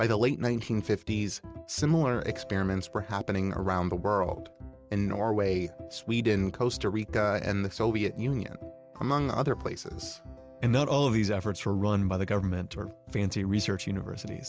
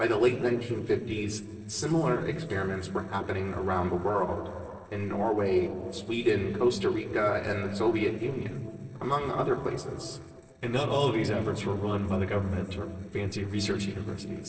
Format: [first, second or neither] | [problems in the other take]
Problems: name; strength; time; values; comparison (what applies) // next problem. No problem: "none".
first | noise reduction (neural separator model SepFormer DNS4)